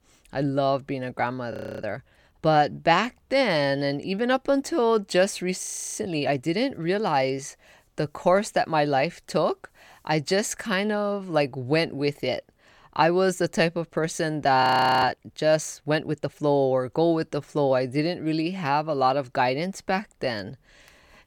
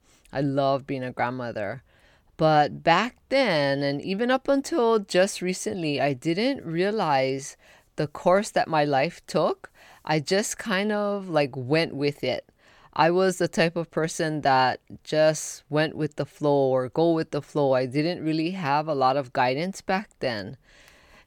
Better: second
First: audio freezing; at 1.5 s, at 5.5 s and at 15 s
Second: none

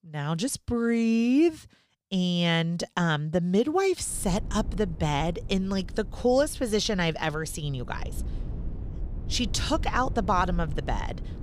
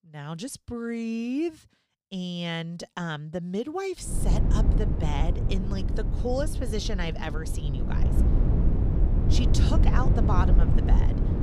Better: first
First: low rumble; faint; from 4 s on; 20 dB below the speech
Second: low rumble; loud; from 4 s on; 3 dB below the speech

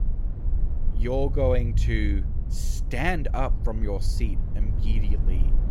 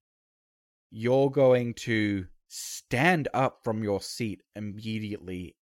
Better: second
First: low rumble; noticeable; throughout; 15 dB below the speech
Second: none

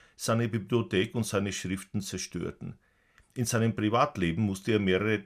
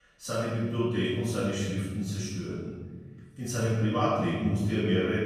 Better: first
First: none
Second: off-mic speech; far // room echo; strong; dies away in 1.5 s

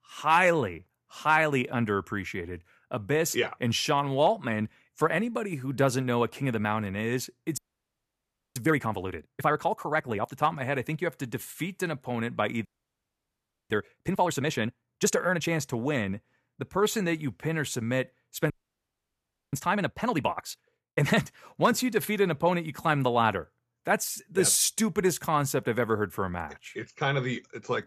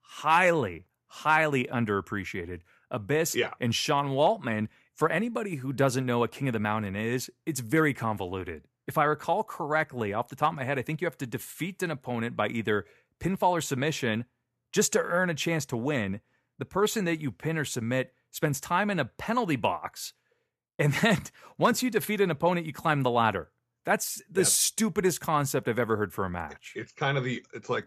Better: second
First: audio freezing; at 7.5 s for 1 s, at 13 s for 1 s and at 19 s for 1 s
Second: none

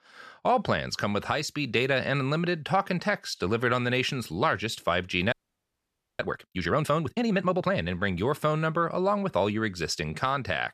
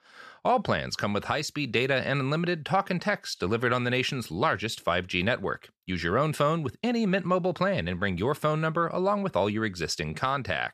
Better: second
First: audio freezing; at 5.5 s for 1 s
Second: none

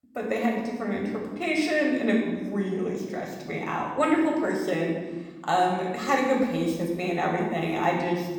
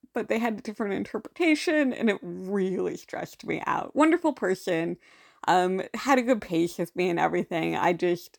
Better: second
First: room echo; noticeable; dies away in 1.3 s // off-mic speech; somewhat distant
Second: none

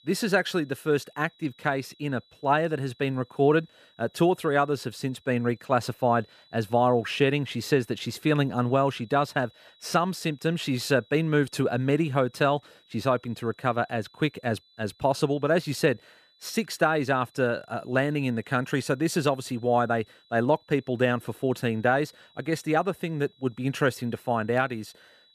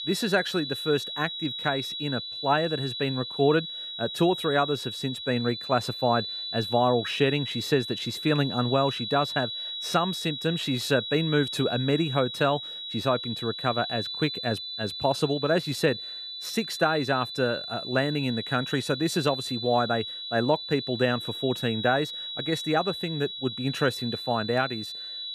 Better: first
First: high-pitched whine; faint; throughout; 4 kHz, 30 dB below the speech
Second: high-pitched whine; loud; throughout; 4 kHz, 6 dB below the speech

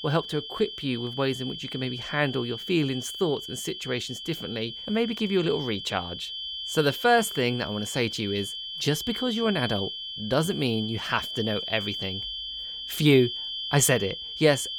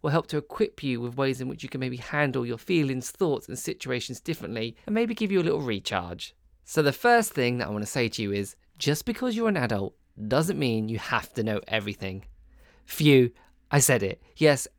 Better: second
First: high-pitched whine; loud; throughout; 3 kHz, 6 dB below the speech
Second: none

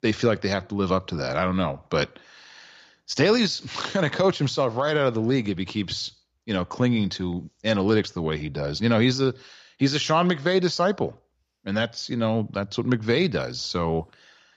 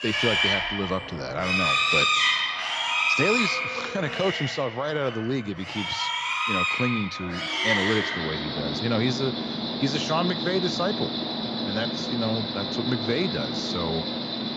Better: first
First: none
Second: animal sounds; very loud; throughout; 4 dB above the speech

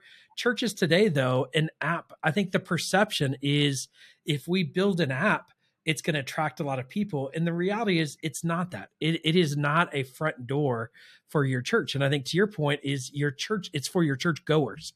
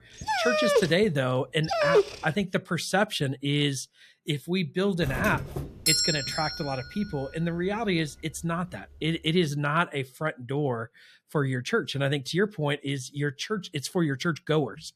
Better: first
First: none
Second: dog barking; loud; until 2 s; peak 5 dB above the speech // doorbell; loud; from 5 to 6.5 s; peak 6 dB above the speech

